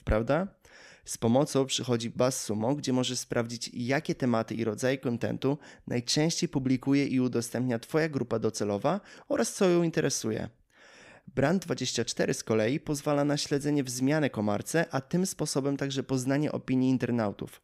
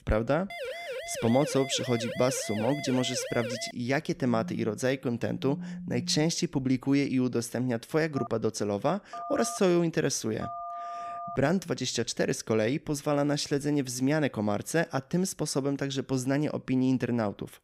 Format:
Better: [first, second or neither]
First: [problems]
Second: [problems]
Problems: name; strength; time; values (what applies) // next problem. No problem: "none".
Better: first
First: none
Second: siren; noticeable; until 3.5 s; peak 7 dB below the speech // phone ringing; noticeable; from 4 to 6.5 s and from 8 to 11 s; peak 8 dB below the speech